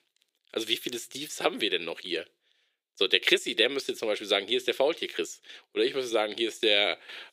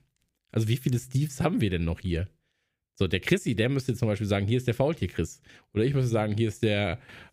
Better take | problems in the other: second | thin; very; fading below 400 Hz

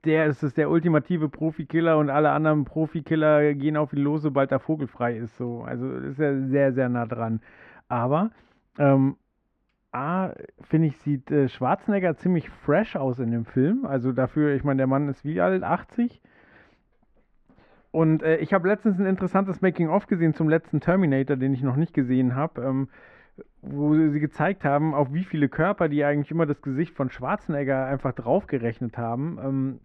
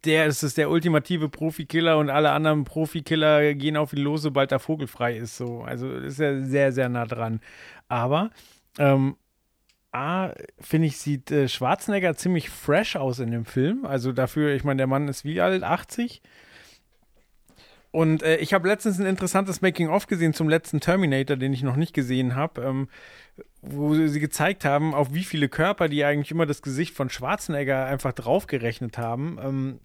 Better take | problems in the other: second | muffled; very; fading above 1.5 kHz

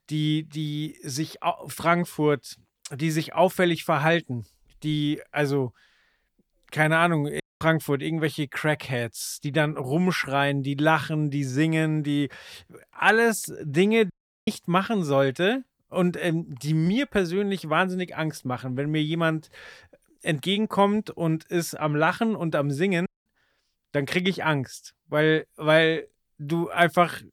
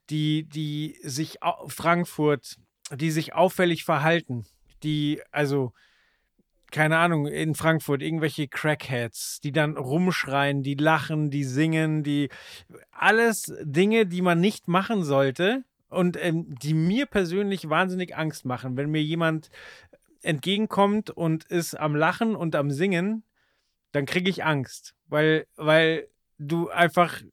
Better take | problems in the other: second | audio cutting out; at 7.5 s, at 14 s and at 23 s

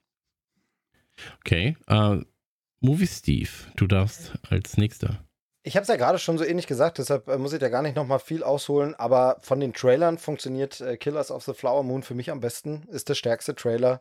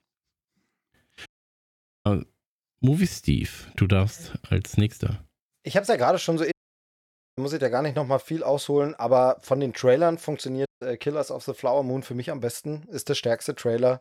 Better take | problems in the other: first | audio cutting out; at 1.5 s for 1 s, at 6.5 s for 1 s and at 11 s

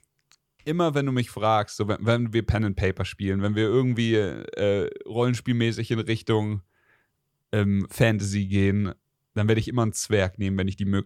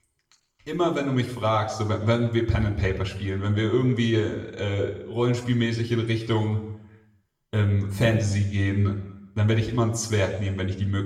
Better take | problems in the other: first | room echo; slight; dies away in 0.8 s // off-mic speech; far

